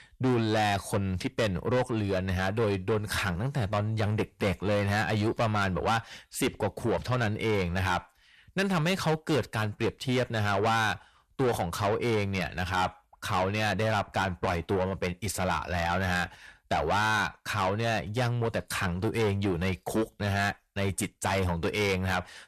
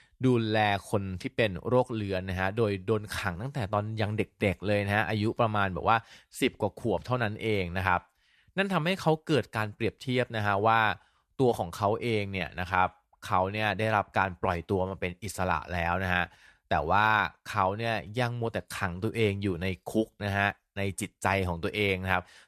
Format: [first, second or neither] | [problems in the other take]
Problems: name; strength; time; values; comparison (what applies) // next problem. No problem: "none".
second | distortion; heavy; 6 dB below the speech